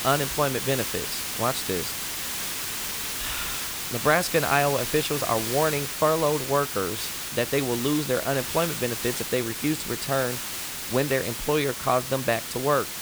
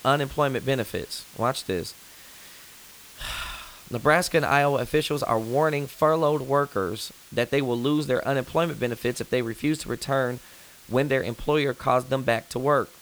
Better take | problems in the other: second | hiss; loud; throughout; 3 dB below the speech; faint in the second

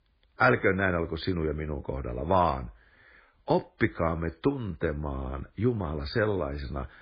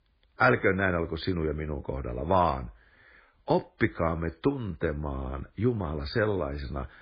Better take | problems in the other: neither | garbled, watery; badly; nothing above 5 kHz; the same in both

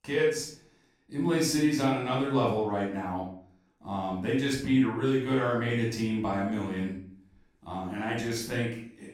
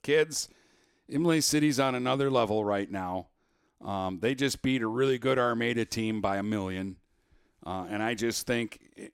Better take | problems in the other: second | room echo; noticeable; dies away in 0.5 s // off-mic speech; far

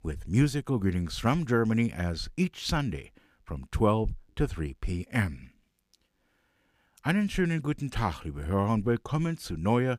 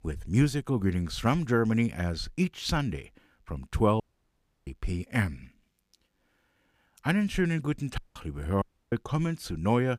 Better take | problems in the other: first | audio cutting out; at 4 s for 0.5 s, at 8 s and at 8.5 s

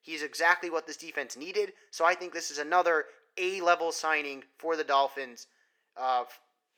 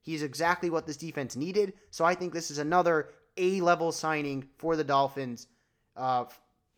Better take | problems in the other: second | thin; very; fading below 400 Hz

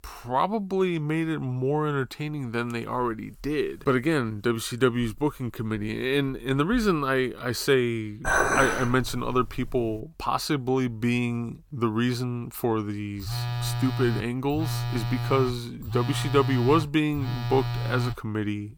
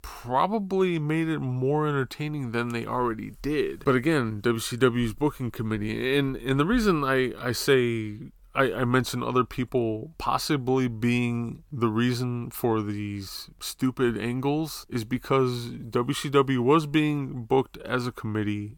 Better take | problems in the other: second | clattering dishes; loud; from 8 to 10 s; peak 5 dB above the speech // phone ringing; noticeable; from 13 to 18 s; peak 2 dB below the speech

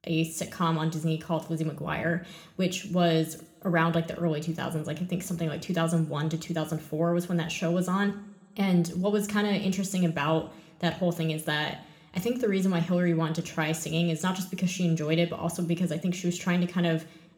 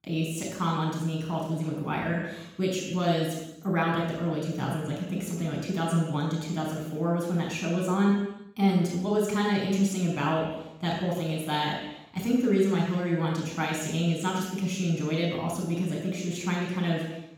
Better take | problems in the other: first | room echo; strong; dies away in 0.9 s; slight in the first // off-mic speech; far

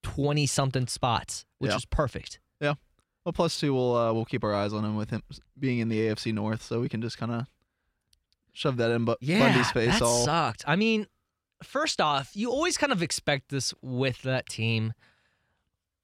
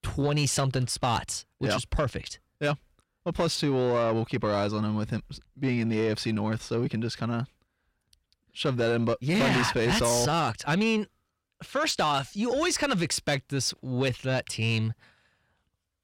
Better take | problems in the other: first | distortion; slight; 10 dB below the speech

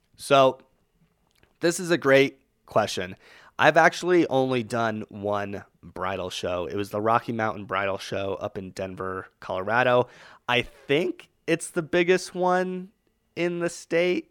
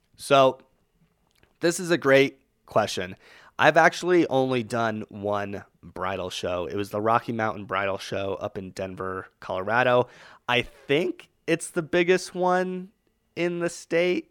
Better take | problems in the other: neither | none

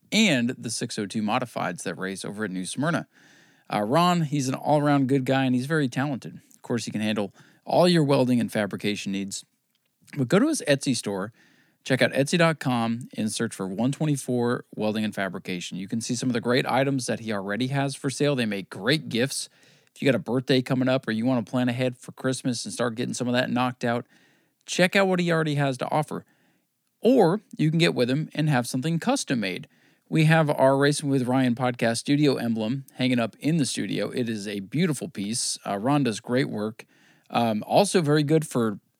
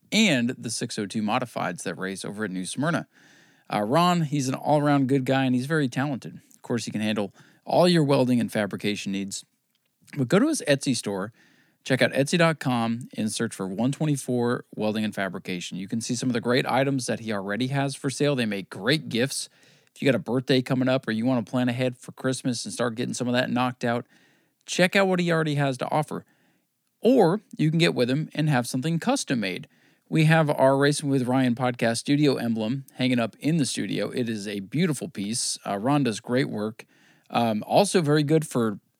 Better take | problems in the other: neither | none

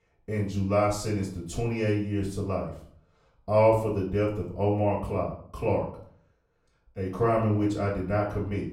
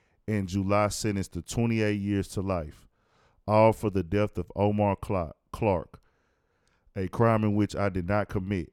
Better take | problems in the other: second | off-mic speech; far // room echo; slight; dies away in 0.4 s

